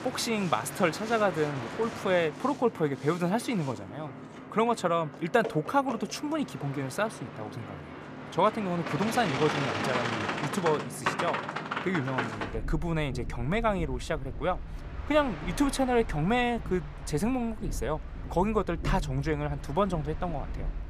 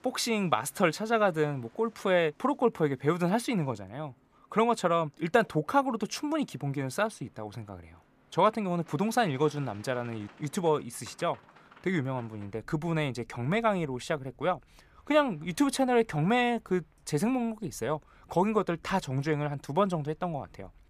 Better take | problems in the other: second | train or aircraft noise; loud; throughout; 7 dB below the speech; faint in the second

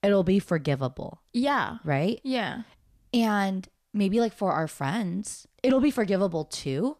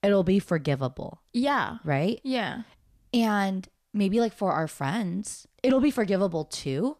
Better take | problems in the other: neither | none

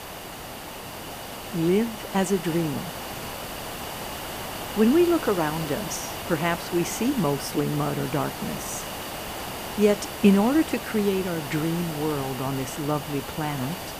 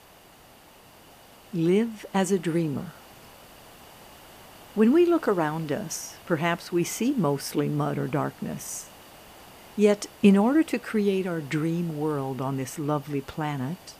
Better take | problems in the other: second | hiss; loud; throughout; 8 dB below the speech; faint in the second

